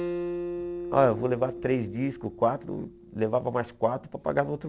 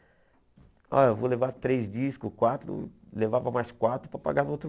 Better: second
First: background sound (Acoustic guitar); 9 dB below the speech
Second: none

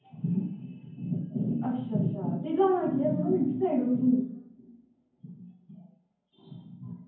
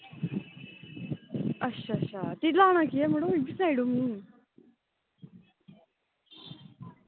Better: second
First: room echo; dies away in 0.9 s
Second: none

